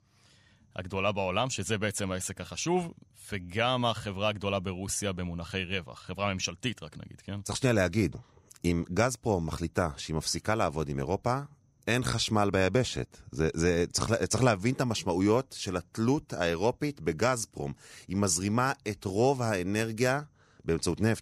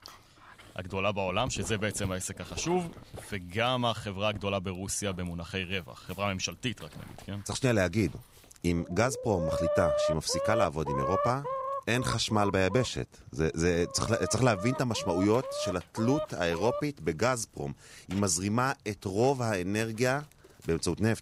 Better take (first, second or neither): first